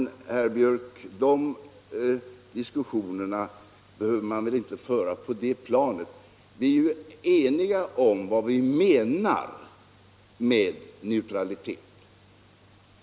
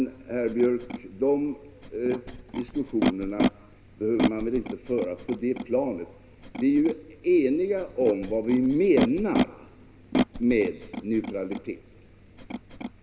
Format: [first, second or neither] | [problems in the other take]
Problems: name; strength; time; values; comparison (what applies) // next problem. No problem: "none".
first | background sound (Animal); 5 dB below the speech // room echo; dies away in 2.8 s